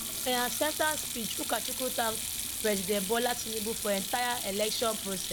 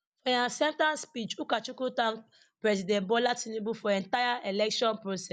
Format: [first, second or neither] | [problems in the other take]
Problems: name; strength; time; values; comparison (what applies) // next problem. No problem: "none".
second | background sound (Sink (filling or washing)); 3 dB below the speech